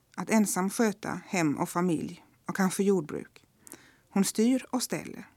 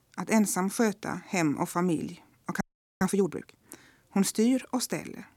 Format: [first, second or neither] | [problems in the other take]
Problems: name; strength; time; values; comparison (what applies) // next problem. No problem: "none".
first | audio freezing; at 2.5 s